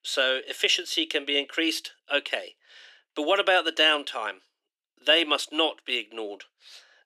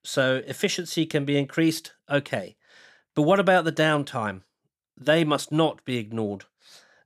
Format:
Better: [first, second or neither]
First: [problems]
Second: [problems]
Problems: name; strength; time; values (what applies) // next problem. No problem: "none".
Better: second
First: thin; somewhat; fading below 300 Hz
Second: none